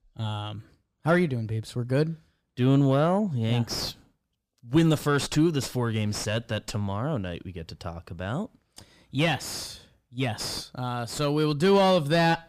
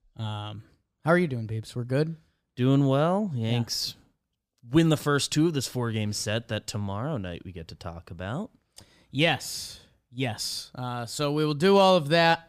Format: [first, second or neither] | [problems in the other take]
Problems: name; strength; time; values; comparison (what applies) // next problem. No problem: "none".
second | distortion; slight; 9 dB below the speech